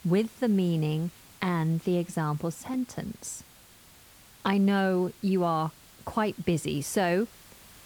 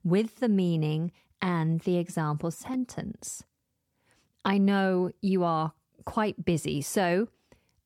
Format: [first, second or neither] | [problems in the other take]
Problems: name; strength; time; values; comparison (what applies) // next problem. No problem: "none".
second | hiss; faint; throughout; 25 dB below the speech